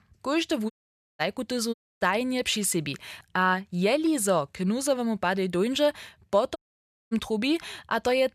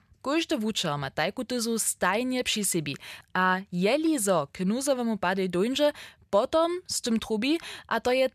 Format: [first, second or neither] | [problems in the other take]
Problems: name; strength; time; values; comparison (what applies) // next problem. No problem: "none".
second | audio cutting out; at 0.5 s, at 1.5 s and at 6.5 s for 0.5 s